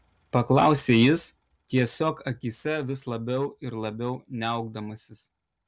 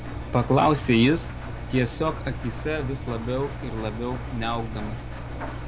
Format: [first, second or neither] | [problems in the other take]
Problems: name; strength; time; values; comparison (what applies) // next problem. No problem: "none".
first | background sound (Engine); 7 dB below the speech